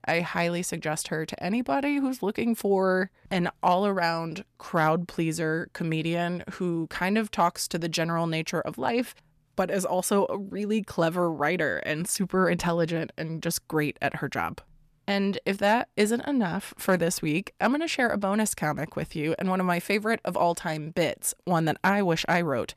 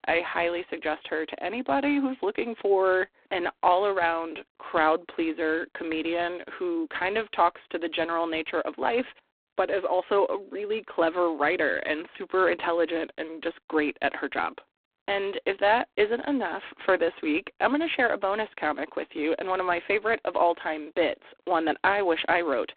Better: first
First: none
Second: phone-call audio; poor line; nothing above 4 kHz

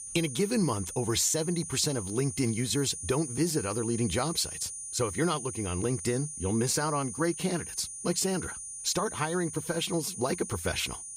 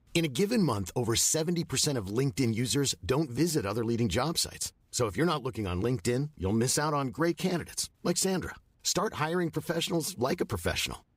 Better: second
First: high-pitched whine; loud; throughout; 9.5 kHz, 7 dB below the speech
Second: none

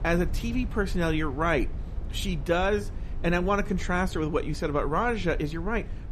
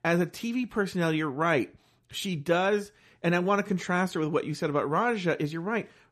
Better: second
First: low rumble; faint; throughout; 20 dB below the speech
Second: none

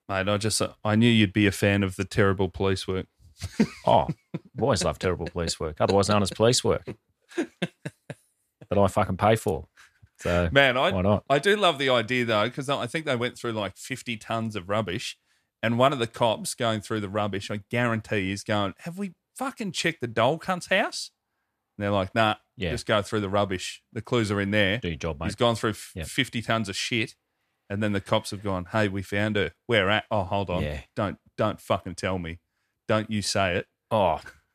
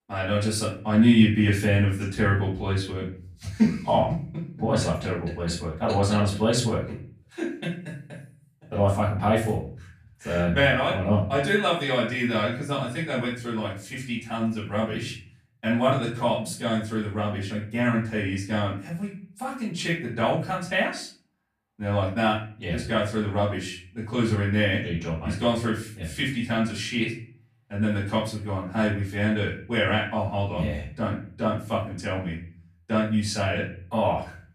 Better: first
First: none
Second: off-mic speech; far // room echo; slight; dies away in 0.5 s

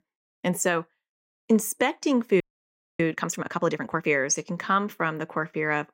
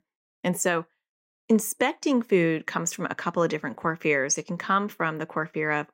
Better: second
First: audio freezing; at 2.5 s for 0.5 s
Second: none

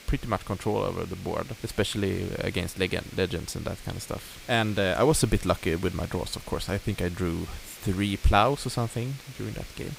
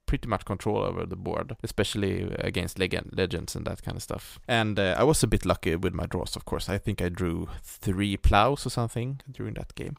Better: second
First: hiss; noticeable; throughout; 15 dB below the speech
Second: none

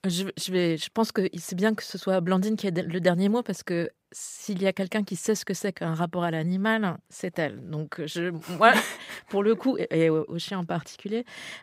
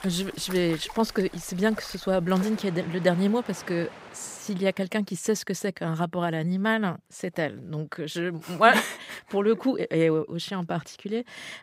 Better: first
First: none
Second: rain or running water; noticeable; until 4.5 s; 15 dB below the speech

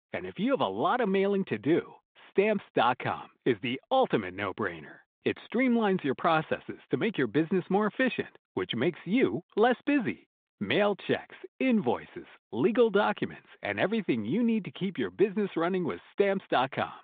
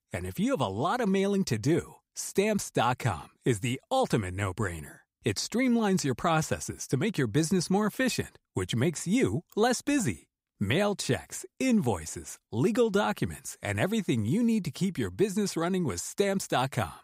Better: second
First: phone-call audio; nothing above 3.5 kHz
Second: none

